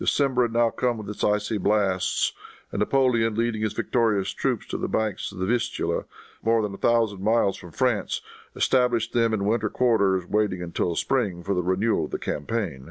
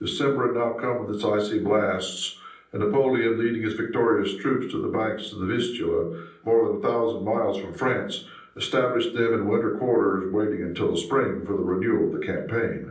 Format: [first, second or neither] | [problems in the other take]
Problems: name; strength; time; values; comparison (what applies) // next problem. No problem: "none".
first | room echo; dies away in 0.6 s